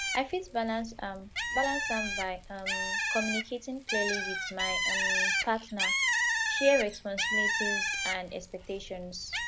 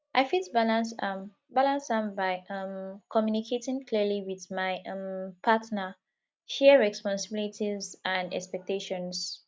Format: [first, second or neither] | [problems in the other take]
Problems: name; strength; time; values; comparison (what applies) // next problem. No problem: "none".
second | background sound (Bird); 2 dB above the speech